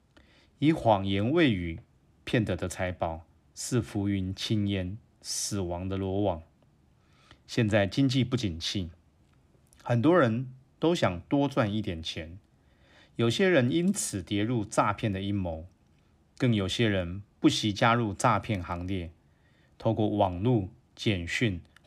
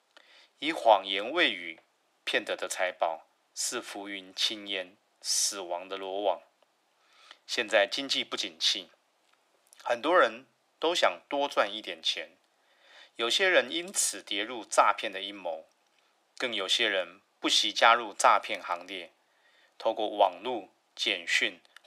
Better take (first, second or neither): first